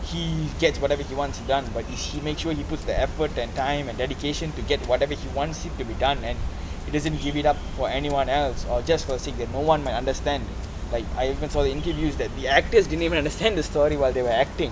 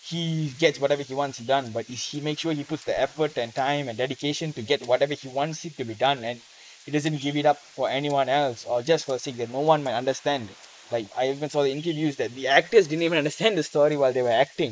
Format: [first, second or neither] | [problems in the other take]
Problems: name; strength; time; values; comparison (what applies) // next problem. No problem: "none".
first | noise reduction (neural mask model Resemble Enhance denoiser)